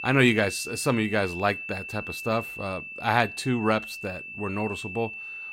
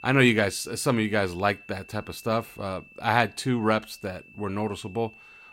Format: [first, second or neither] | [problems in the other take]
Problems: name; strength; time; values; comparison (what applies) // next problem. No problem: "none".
second | high-pitched whine; loud; throughout; 2.5 kHz, 8 dB below the speech; faint in the second